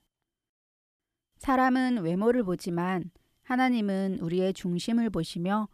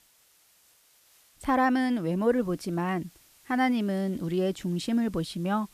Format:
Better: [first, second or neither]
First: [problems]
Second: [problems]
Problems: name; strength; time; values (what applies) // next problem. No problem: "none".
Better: first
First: none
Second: hiss; faint; throughout; 30 dB below the speech